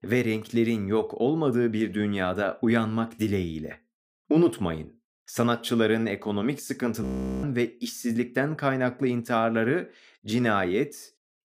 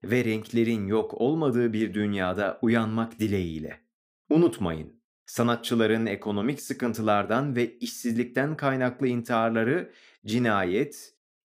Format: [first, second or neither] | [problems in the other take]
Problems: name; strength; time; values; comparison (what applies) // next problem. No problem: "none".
second | audio freezing; at 7 s